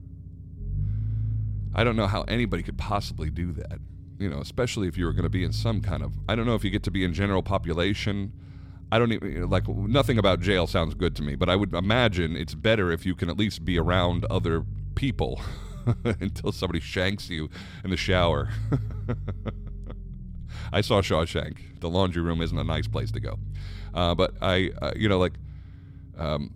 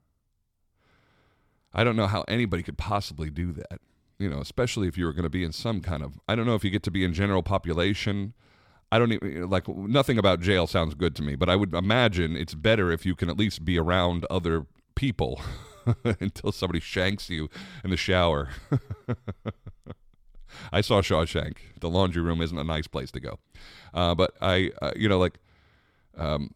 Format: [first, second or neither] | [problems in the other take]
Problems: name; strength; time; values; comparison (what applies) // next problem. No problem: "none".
second | low rumble; faint; throughout; 20 dB below the speech